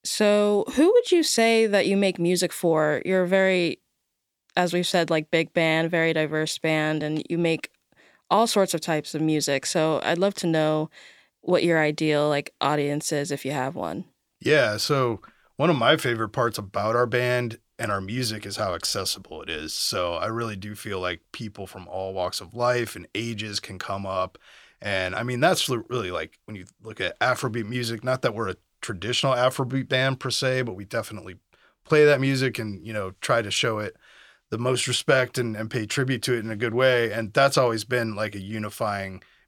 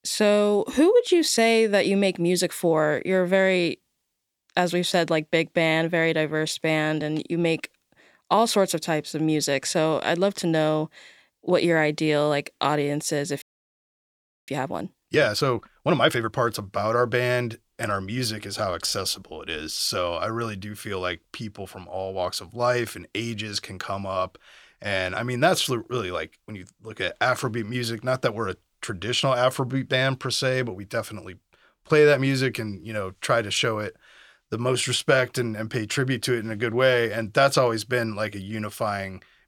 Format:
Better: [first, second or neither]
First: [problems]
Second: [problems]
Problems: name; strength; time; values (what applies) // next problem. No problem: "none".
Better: first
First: none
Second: audio freezing; at 13 s for 1 s